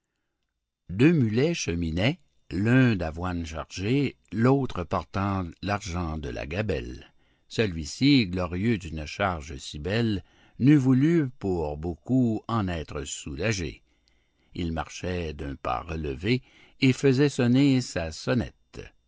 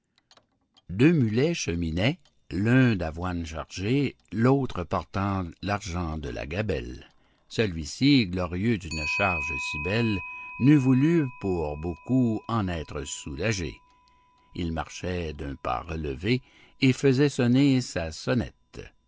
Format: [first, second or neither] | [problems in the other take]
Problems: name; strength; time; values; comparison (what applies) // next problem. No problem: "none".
first | background sound (Clock); 16 dB below the speech